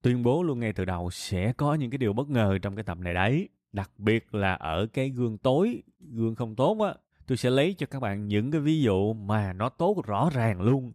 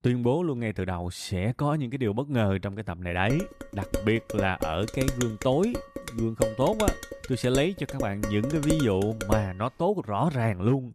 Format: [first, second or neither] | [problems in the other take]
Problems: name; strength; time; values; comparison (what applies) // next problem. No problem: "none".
first | clattering dishes; noticeable; from 3.5 to 9.5 s; peak 2 dB below the speech